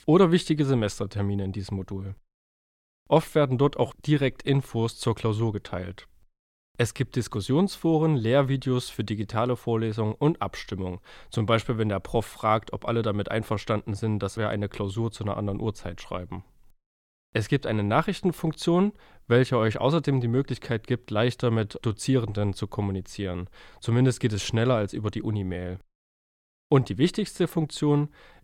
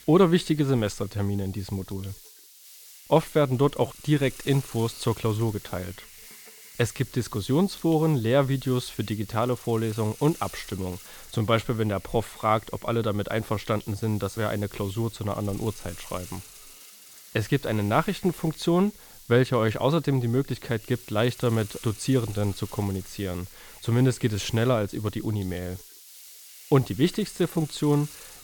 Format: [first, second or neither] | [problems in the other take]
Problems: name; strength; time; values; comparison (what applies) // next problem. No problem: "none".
first | hiss; noticeable; throughout; 20 dB below the speech